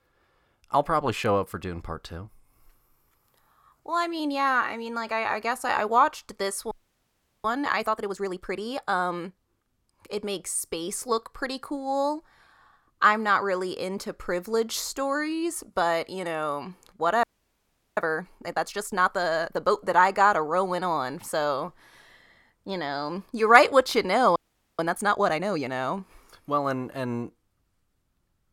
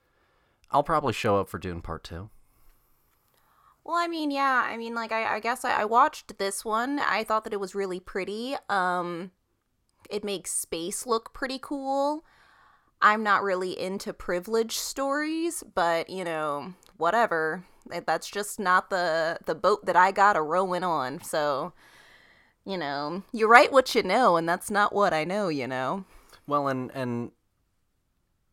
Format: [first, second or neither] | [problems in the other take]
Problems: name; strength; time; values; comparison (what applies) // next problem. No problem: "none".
second | audio freezing; at 6.5 s for 0.5 s, at 17 s for 0.5 s and at 24 s